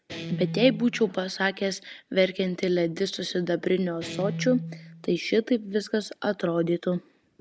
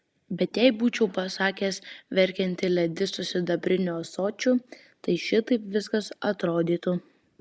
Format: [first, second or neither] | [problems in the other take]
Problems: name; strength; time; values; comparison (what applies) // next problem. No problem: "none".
second | background sound (Guitar); 13 dB below the speech